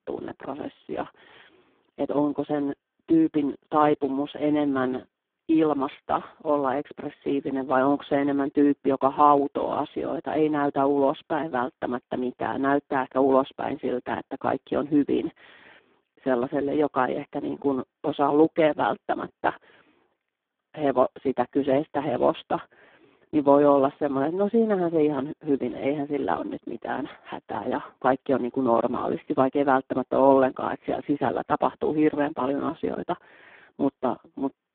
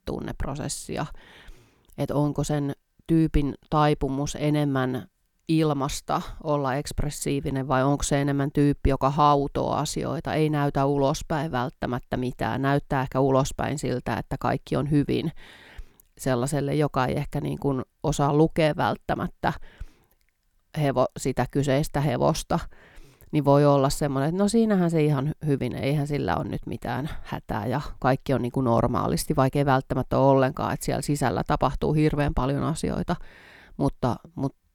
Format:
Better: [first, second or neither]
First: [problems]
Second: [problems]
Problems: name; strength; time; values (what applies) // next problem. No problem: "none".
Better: second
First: phone-call audio; poor line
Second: none